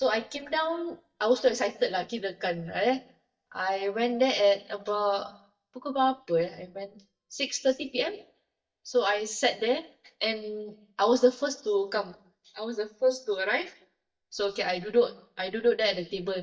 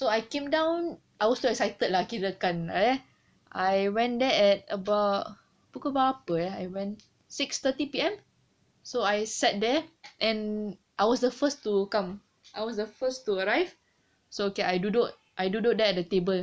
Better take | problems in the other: second | noise reduction (neural mask model DeepFilterNet 3)

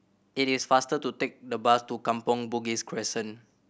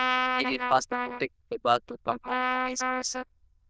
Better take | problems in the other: first | noise reduction (neural diffusion model UNIVERSE++)

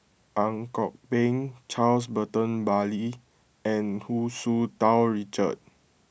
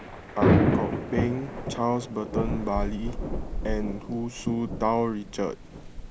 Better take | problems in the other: first | background sound (Thunder / Rain); 2 dB above the speech

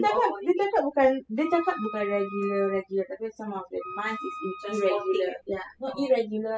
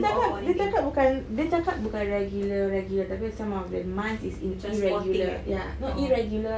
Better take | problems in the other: second | noise reduction (classical method spectral subtraction)

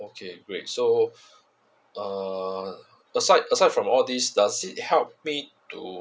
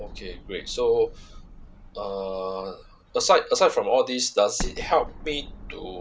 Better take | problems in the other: first | background sound (Explosion); 14 dB below the speech

